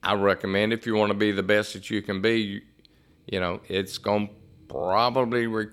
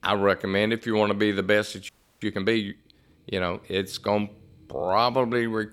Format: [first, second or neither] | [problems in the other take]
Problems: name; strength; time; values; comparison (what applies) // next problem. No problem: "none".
first | audio freezing; at 2 s